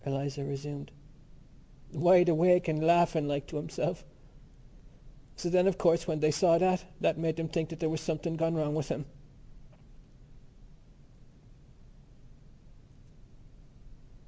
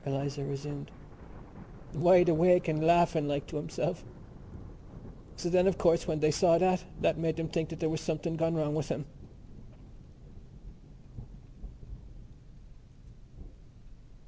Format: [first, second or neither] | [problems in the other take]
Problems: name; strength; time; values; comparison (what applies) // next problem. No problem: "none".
first | background sound (Thunder); 16 dB below the speech